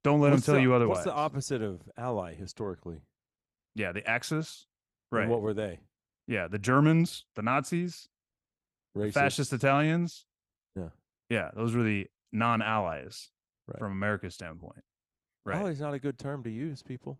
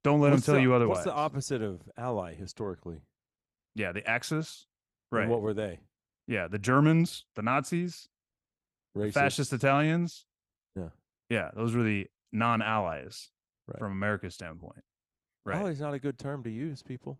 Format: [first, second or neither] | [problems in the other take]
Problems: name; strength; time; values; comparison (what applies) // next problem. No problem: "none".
neither | none